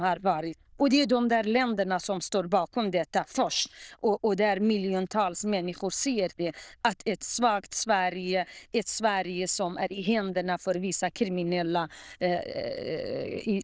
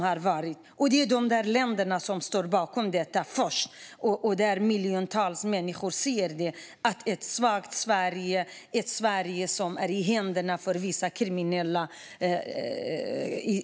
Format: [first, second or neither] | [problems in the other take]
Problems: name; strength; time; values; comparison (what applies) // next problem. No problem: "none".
second | noise reduction (neural diffusion model UNIVERSE++)